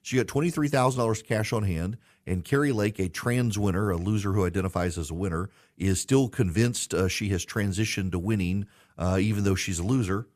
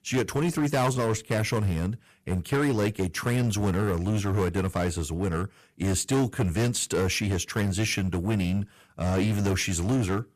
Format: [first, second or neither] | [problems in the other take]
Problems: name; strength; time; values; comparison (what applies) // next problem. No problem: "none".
first | distortion; slight; 12% of the sound clipped